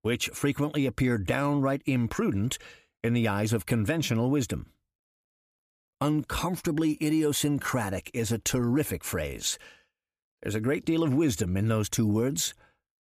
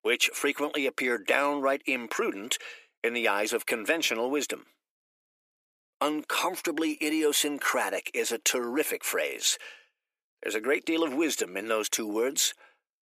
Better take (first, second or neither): first